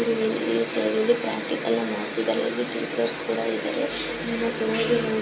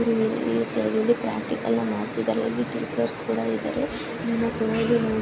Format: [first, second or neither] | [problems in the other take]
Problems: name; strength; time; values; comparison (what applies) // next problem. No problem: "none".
second | background sound (Organ); 20 dB below the speech // room echo; dies away in 0.2 s